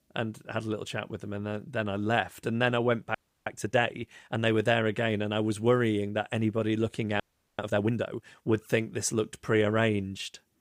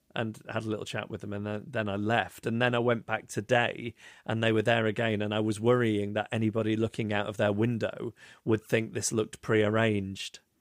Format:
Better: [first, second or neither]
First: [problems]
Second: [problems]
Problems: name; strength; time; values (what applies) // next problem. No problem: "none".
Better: second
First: audio freezing; at 3 s and at 7 s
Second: none